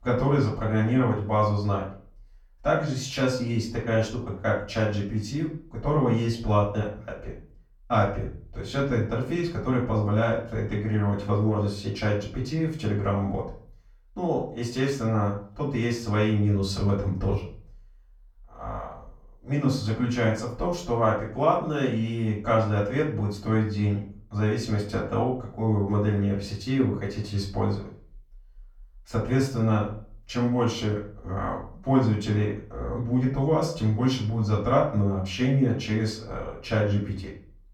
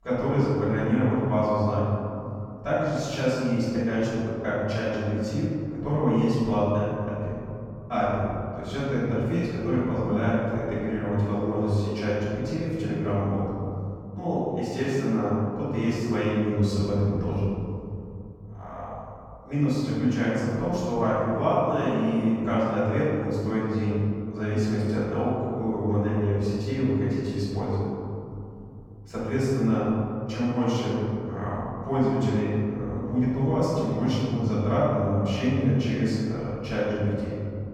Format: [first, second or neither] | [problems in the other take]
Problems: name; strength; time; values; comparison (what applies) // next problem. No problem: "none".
first | room echo; strong; dies away in 3 s; slight in the first // off-mic speech; far; far in the first